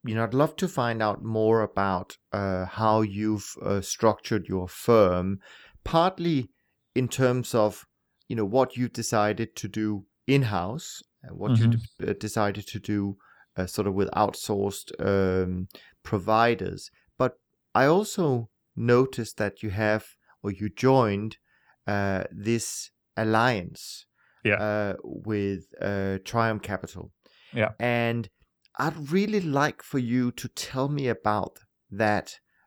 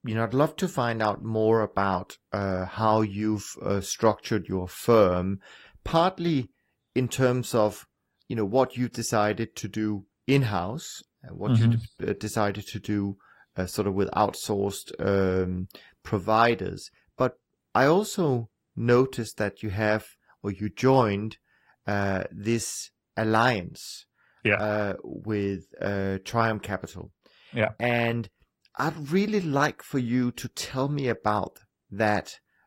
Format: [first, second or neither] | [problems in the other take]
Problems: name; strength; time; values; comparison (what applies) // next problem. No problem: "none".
first | garbled, watery; slightly; nothing above 15.5 kHz